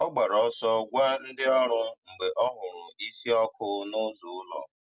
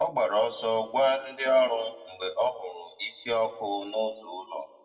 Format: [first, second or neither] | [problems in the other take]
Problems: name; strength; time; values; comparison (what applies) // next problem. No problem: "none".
first | room echo; dies away in 1 s